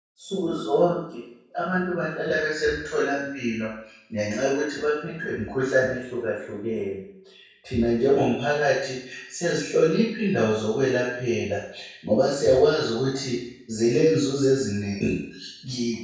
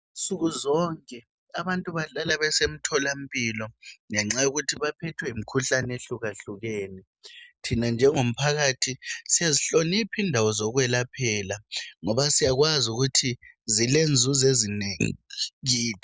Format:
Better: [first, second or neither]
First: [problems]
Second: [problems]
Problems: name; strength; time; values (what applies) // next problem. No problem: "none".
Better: second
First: room echo; dies away in 0.7 s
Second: none